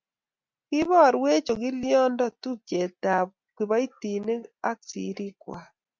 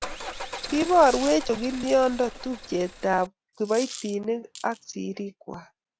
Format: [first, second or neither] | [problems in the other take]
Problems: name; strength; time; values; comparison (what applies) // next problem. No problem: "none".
first | background sound (Car + Coin (dropping)); 12 dB below the speech